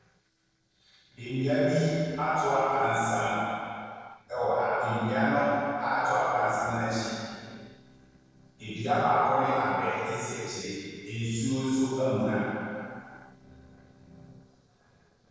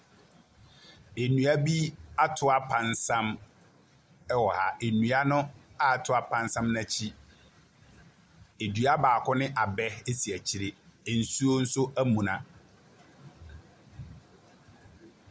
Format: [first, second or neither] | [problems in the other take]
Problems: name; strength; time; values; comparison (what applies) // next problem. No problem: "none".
second | noise reduction (neural separator model SepFormer DNS4)